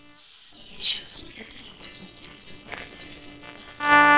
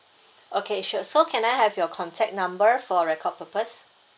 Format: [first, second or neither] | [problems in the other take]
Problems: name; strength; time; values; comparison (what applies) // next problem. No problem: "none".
second | noise reduction (neural separator model SepFormer WHAMR!)